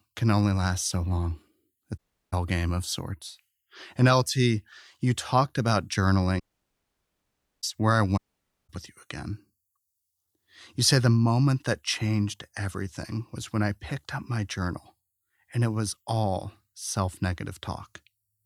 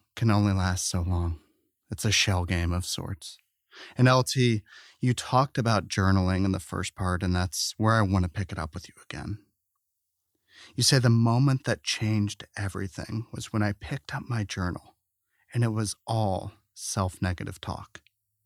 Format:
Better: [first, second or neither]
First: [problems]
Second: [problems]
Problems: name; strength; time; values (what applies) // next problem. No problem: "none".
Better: second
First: audio cutting out; at 2 s, at 6.5 s for 1 s and at 8 s for 0.5 s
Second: none